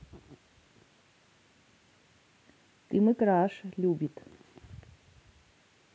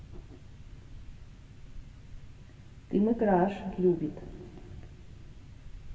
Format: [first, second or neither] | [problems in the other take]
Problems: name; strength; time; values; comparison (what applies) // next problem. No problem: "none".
first | background sound (Boat, Water vehicle); 13 dB below the speech // room echo; dies away in 2.8 s